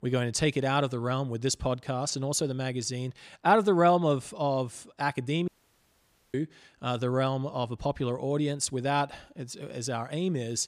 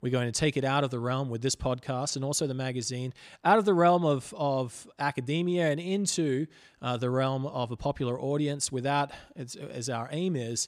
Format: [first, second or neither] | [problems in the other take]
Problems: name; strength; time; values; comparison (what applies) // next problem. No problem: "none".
second | audio cutting out; at 5.5 s for 1 s